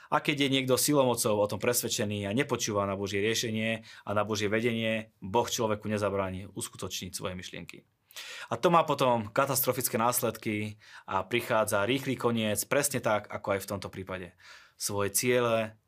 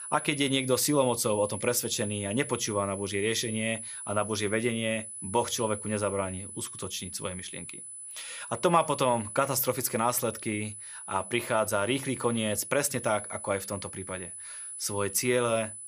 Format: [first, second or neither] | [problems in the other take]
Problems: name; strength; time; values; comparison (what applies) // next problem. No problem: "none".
first | high-pitched whine; loud; throughout; 10 kHz, 9 dB below the speech